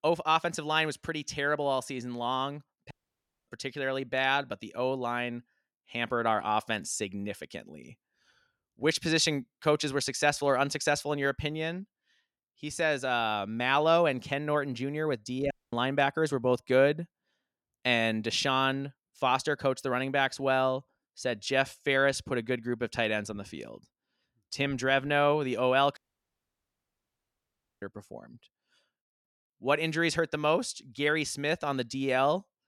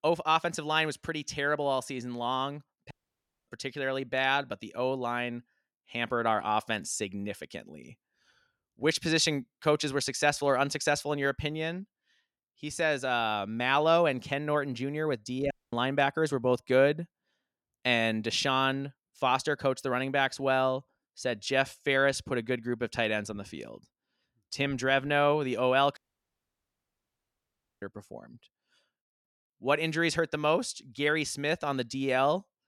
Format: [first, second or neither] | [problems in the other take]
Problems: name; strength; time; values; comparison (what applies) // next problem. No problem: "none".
neither | audio cutting out; at 3 s for 0.5 s, at 16 s and at 26 s for 2 s; the same in both